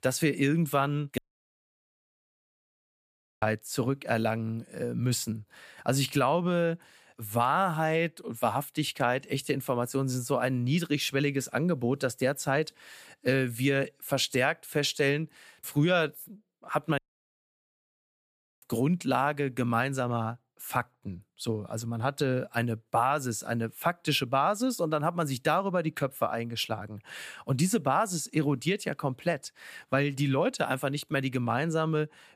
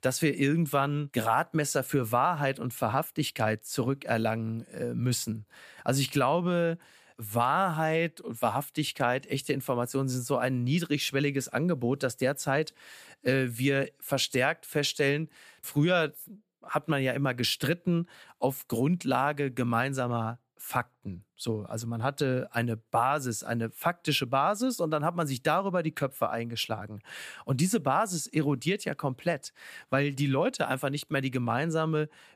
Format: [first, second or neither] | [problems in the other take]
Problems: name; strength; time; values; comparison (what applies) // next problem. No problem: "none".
second | audio cutting out; at 1 s for 2 s and at 17 s for 1.5 s